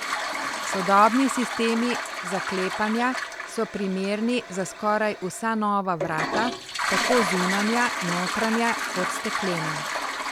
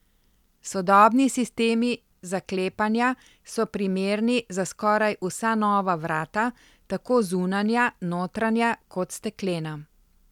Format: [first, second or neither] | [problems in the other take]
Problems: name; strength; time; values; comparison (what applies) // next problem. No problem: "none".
second | background sound (Toilet flush); 3 dB below the speech